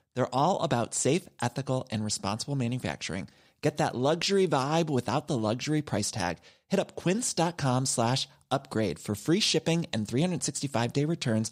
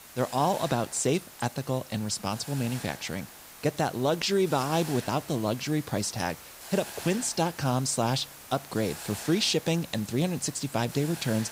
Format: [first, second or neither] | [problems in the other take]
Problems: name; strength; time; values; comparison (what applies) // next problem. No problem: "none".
first | hiss; noticeable; throughout; 15 dB below the speech